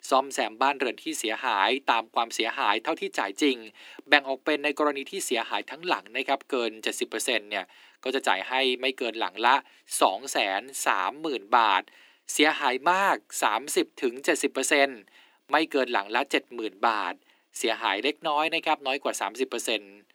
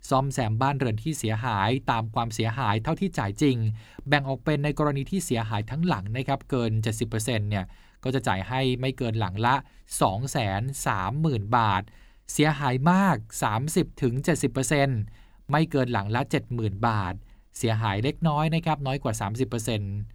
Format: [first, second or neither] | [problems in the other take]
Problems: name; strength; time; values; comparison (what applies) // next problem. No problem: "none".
second | thin; somewhat; fading below 300 Hz